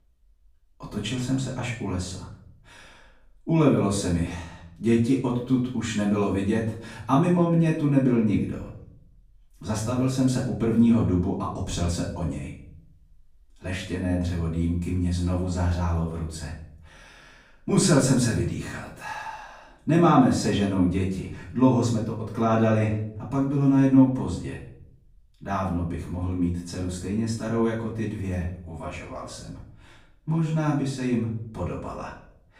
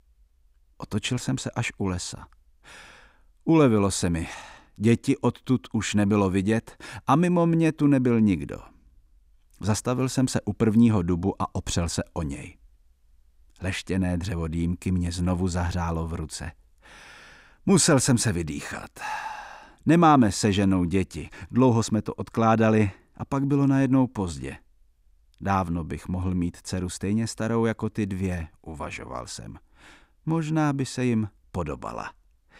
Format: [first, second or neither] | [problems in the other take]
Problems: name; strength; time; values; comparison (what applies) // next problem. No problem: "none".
second | off-mic speech; far // room echo; noticeable; dies away in 0.5 s